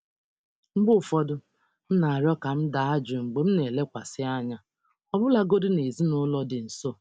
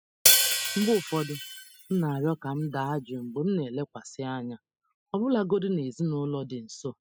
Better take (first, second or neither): first